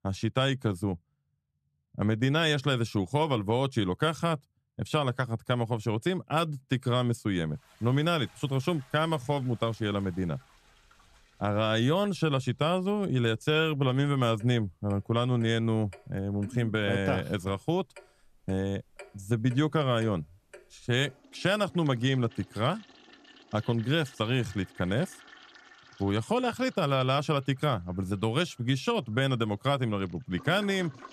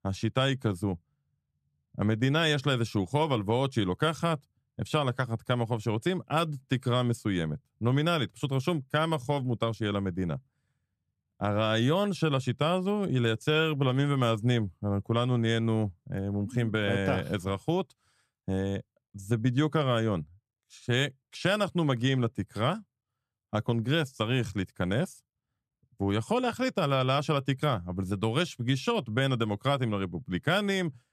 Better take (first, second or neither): second